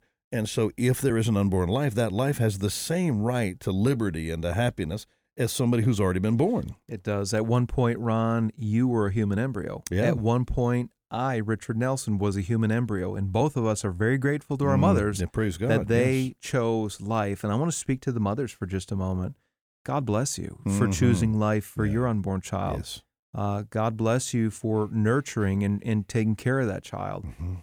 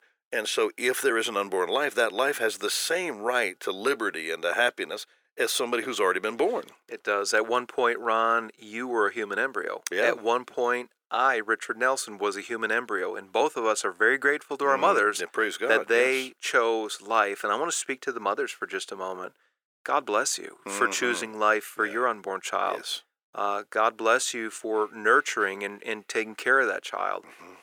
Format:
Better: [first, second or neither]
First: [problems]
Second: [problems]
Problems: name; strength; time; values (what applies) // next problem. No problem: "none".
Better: first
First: none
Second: thin; very; fading below 400 Hz